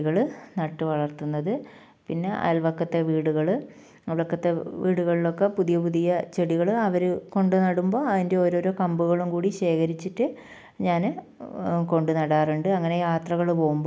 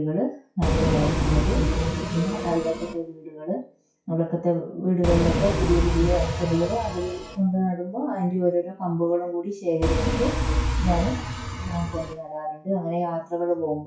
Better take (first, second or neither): first